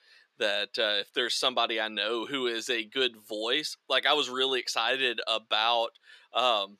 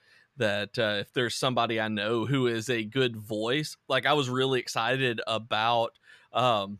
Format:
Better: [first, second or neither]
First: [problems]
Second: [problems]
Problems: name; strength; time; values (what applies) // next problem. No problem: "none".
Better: second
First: thin; somewhat; fading below 300 Hz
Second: none